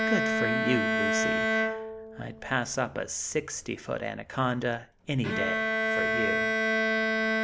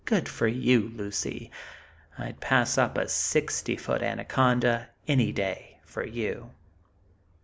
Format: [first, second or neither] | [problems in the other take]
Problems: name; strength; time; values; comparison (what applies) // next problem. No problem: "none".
second | background sound (Bowed string instrument); 4 dB above the speech